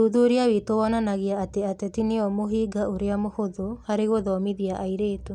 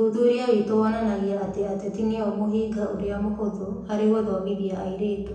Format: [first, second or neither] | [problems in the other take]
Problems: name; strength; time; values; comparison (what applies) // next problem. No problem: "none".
first | room echo; dies away in 0.9 s